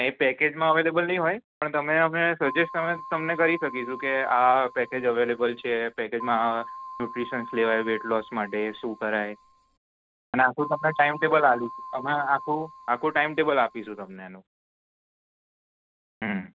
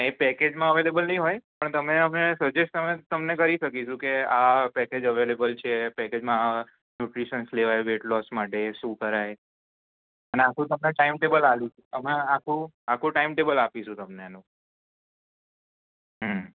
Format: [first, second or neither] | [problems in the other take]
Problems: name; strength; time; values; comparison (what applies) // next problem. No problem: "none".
second | background sound (Keyboard (musical)); 14 dB below the speech